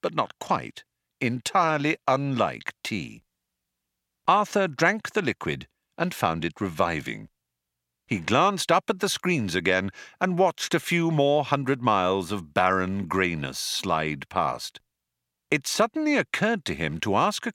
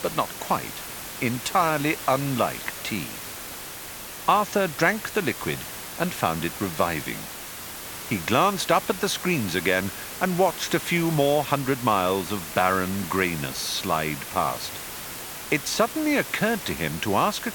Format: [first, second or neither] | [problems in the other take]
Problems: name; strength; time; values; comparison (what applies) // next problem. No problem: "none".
first | hiss; loud; throughout; 9 dB below the speech